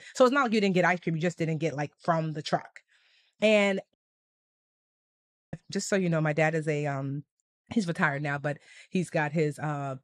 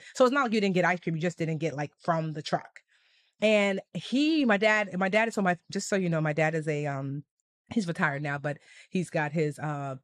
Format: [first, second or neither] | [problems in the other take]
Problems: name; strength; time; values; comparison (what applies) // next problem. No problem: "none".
second | audio cutting out; at 4 s for 1.5 s